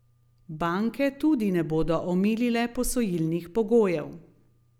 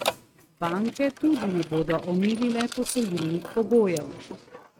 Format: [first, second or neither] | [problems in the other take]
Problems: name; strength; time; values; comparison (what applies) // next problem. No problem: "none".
first | noise reduction (neural mask model RNNoise)